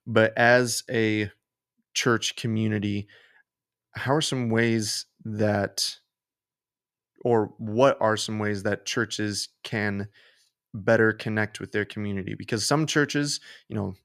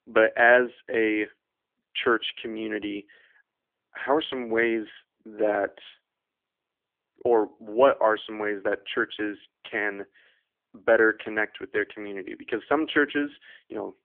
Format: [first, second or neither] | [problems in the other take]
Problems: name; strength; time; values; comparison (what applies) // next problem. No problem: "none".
first | phone-call audio; poor line; nothing above 3.5 kHz